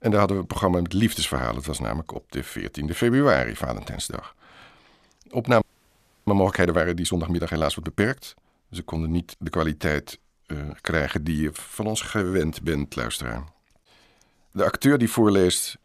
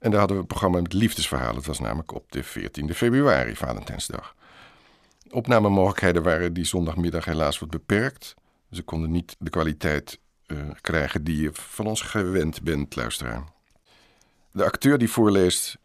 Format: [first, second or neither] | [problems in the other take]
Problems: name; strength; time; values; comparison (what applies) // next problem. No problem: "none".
second | audio freezing; at 5.5 s for 0.5 s